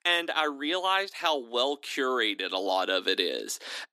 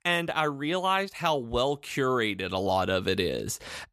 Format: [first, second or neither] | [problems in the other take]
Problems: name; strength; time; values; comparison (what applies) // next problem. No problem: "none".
second | thin; very slightly; fading below 300 Hz